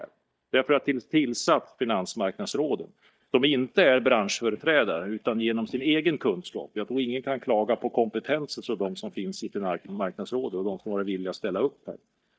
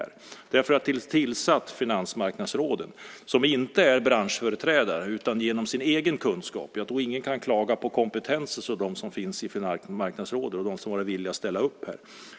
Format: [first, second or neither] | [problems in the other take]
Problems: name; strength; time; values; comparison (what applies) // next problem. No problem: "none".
second | noise reduction (neural mask model DeepFilterNet 3)